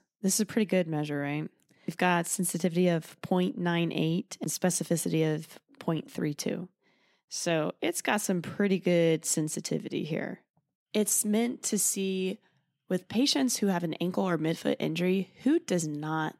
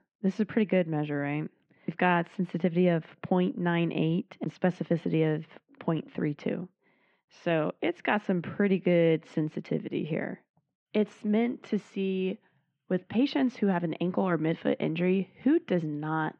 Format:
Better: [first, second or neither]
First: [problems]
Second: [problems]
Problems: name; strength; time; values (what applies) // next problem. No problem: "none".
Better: first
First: none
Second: muffled; very; fading above 2.5 kHz